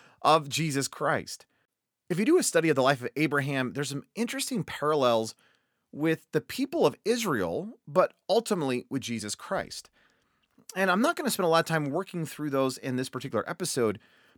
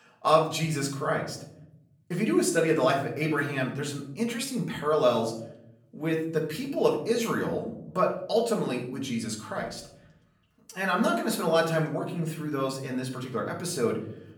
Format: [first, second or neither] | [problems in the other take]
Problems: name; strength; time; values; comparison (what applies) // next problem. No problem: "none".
first | room echo; slight; dies away in 0.7 s // off-mic speech; far